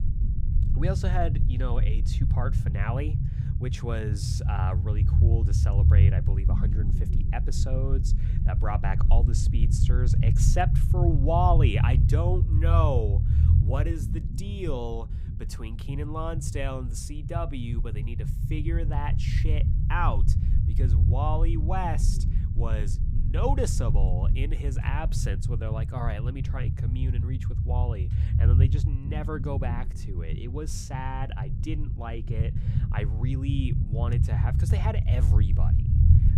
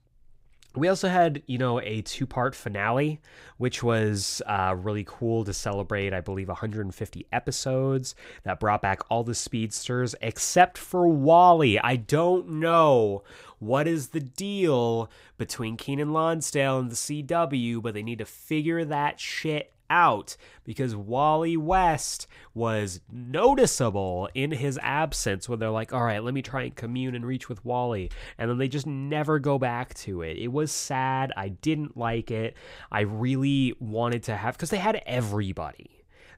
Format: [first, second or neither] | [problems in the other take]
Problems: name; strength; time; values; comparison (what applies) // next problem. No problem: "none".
second | low rumble; loud; throughout; 6 dB below the speech